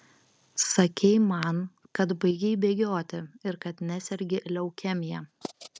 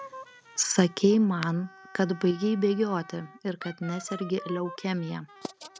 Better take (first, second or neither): first